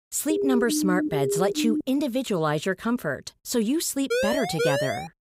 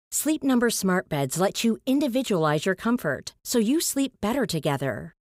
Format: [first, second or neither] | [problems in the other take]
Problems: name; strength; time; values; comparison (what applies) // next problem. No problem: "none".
second | siren; noticeable; until 2 s; peak level with the speech // siren; loud; at 4 s; peak 1 dB above the speech